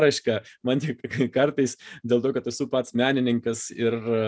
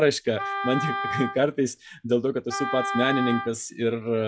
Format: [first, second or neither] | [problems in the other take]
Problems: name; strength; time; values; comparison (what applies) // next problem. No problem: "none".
first | noise reduction (classical method log-MMSE)